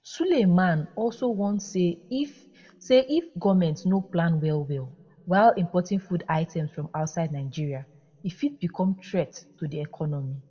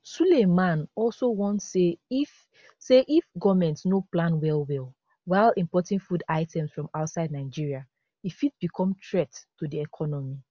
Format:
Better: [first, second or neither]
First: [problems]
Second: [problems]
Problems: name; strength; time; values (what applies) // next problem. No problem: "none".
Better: second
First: room echo; dies away in 1.3 s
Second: none